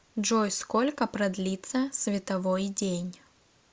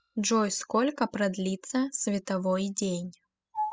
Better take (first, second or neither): first